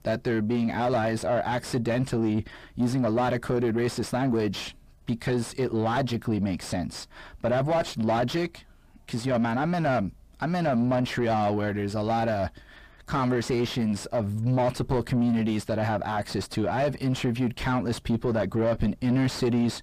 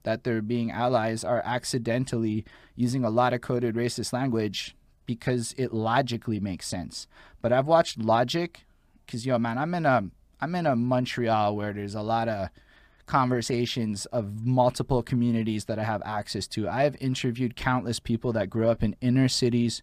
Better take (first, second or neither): second